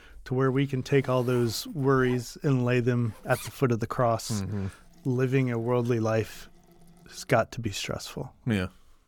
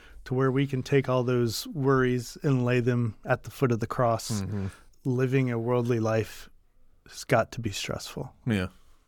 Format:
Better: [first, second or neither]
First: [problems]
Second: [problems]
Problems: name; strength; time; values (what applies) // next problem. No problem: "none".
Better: second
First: household noises; faint; throughout; 20 dB below the speech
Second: none